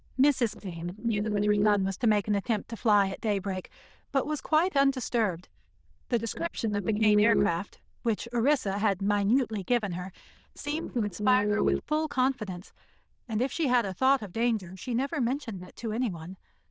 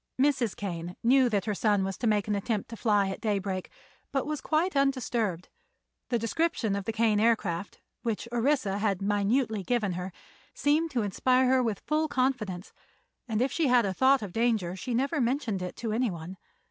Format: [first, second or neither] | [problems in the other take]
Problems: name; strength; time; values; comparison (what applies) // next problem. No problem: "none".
second | noise reduction (neural diffusion model UNIVERSE++)